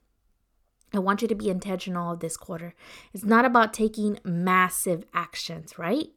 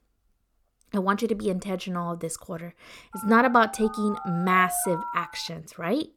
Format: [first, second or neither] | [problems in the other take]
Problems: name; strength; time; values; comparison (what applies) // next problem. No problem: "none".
first | phone ringing; noticeable; from 3 to 5.5 s; peak 8 dB below the speech